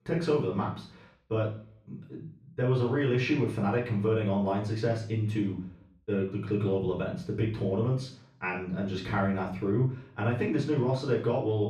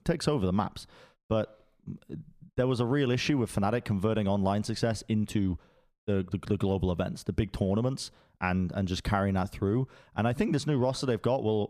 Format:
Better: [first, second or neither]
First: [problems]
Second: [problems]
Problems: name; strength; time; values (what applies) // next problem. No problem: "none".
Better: second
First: room echo; noticeable; dies away in 0.5 s // off-mic speech; far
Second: none